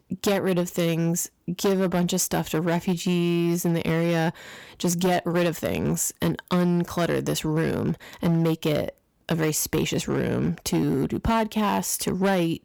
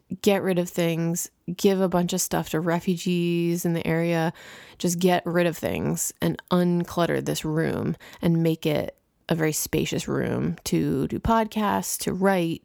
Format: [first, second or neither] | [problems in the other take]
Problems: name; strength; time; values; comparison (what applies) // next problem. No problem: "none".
second | distortion; slight; 9% of the sound clipped